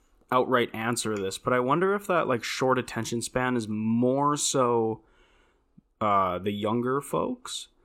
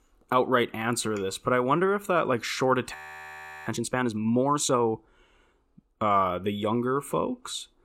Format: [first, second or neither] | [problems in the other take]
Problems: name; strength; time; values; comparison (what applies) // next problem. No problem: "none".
first | audio freezing; at 3 s for 0.5 s